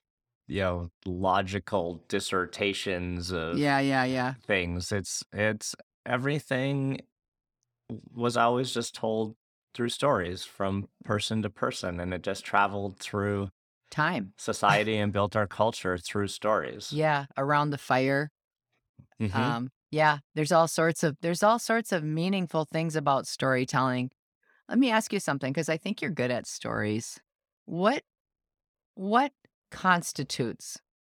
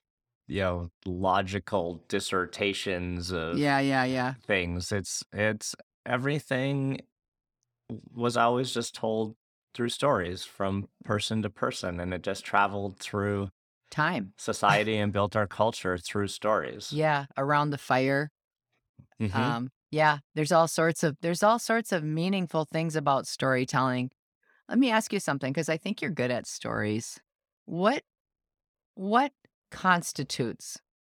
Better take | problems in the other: neither | none

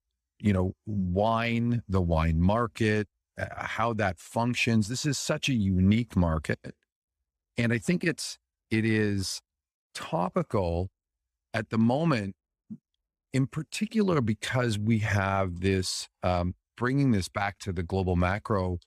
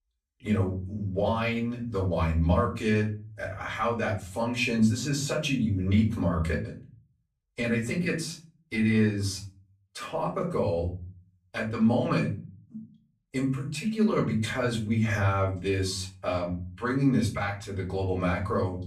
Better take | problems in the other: first | room echo; slight; dies away in 0.4 s // off-mic speech; far

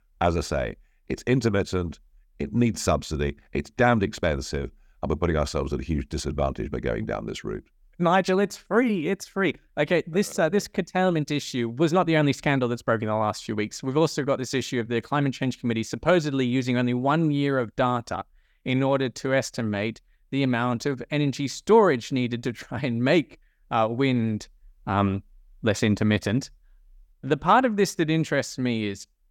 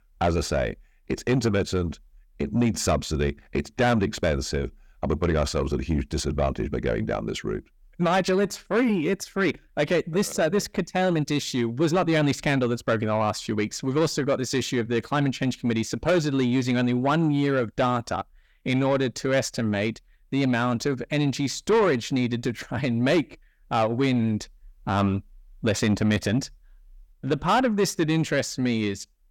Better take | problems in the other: first | distortion; slight; 10 dB below the speech

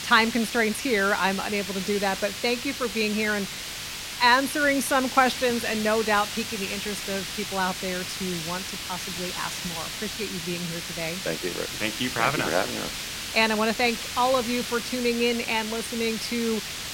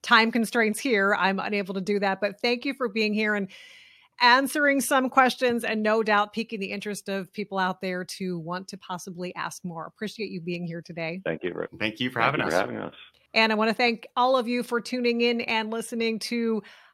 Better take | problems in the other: second | hiss; loud; throughout; 6 dB below the speech

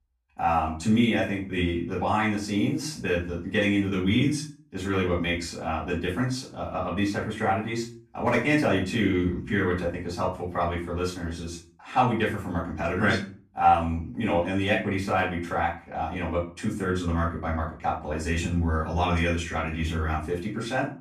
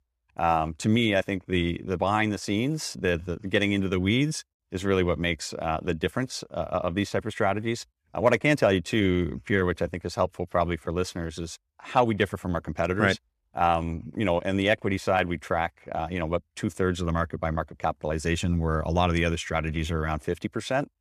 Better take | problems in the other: second | off-mic speech; far // room echo; slight; dies away in 0.3 s

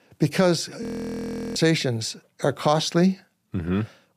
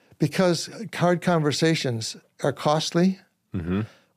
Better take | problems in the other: second | audio freezing; at 1 s for 0.5 s

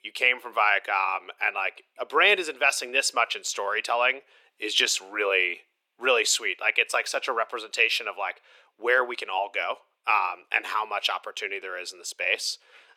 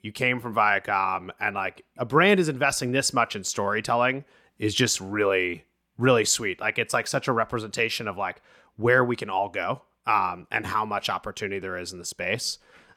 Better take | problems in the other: second | thin; very; fading below 400 Hz

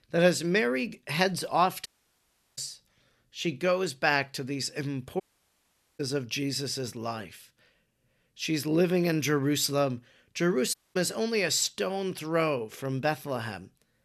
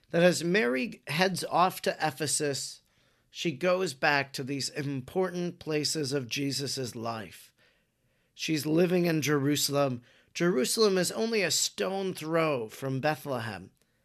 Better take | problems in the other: second | audio cutting out; at 2 s for 0.5 s, at 5 s for 1 s and at 11 s

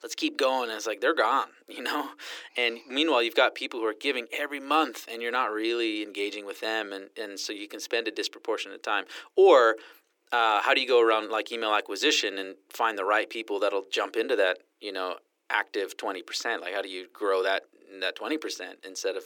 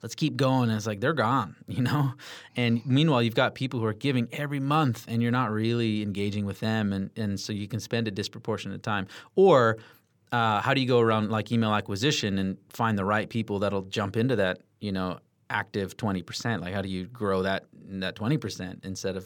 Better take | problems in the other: second | thin; very; fading below 300 Hz

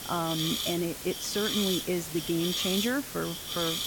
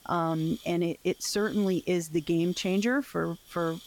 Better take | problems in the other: second | hiss; loud; throughout; 1 dB below the speech; faint in the second

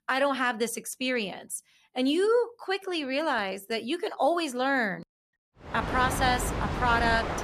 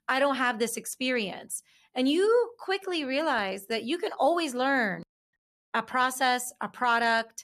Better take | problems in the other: second | train or aircraft noise; loud; from 5.5 s on; 4 dB below the speech

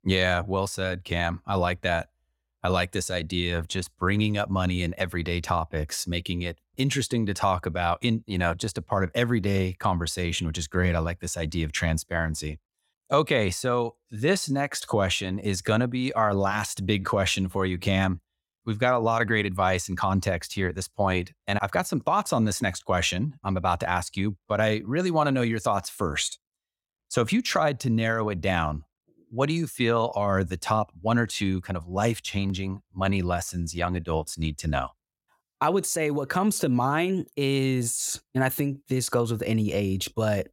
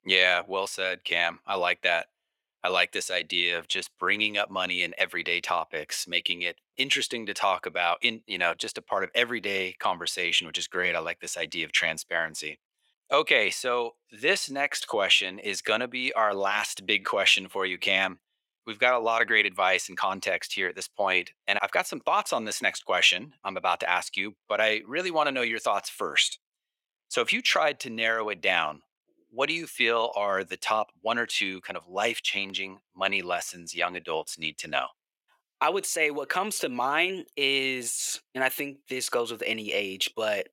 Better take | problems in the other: first | thin; very; fading below 450 Hz

